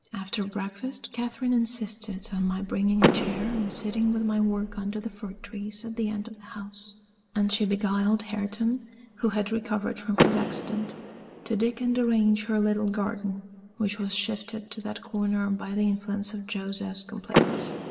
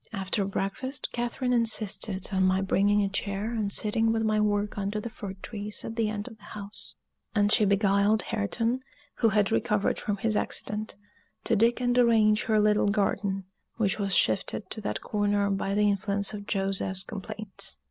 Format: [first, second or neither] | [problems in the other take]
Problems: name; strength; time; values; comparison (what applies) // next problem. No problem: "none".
second | background sound (Door / Car); 5 dB below the speech // room echo; dies away in 2.3 s